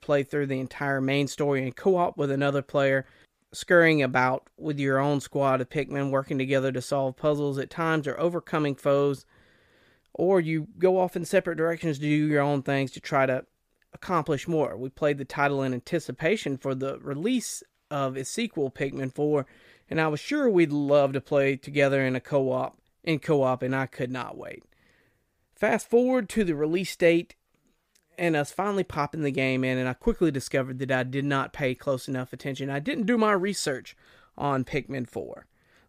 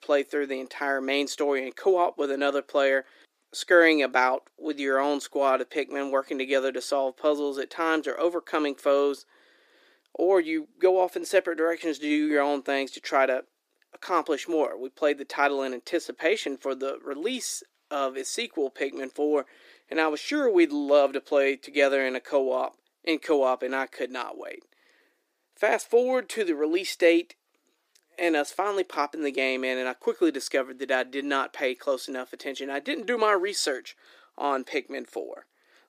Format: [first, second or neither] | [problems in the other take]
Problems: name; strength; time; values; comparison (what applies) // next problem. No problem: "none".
first | thin; somewhat; fading below 300 Hz